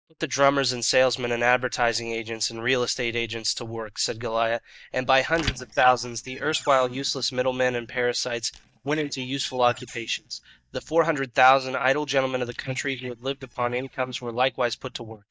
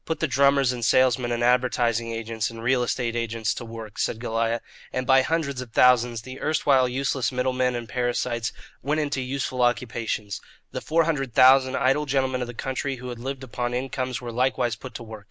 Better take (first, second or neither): second